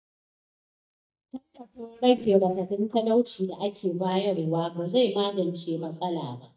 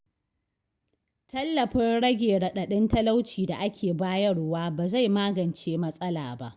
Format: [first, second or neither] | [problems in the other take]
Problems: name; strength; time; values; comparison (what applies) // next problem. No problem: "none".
second | noise reduction (neural mask model DeepFilterNet 3)